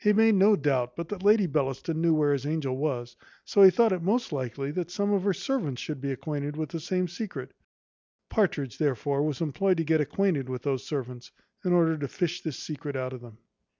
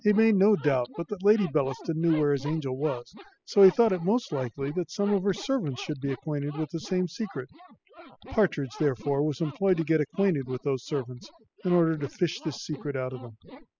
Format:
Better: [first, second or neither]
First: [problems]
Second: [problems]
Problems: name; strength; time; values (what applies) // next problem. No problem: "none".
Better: first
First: none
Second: noise reduction (classical method spectral subtraction)